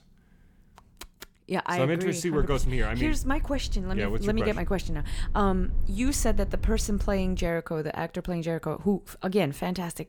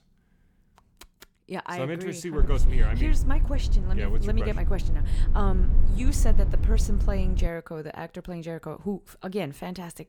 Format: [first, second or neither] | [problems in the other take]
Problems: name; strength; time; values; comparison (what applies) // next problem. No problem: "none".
first | low rumble; loud; from 2.5 to 7.5 s; 9 dB below the speech; faint in the first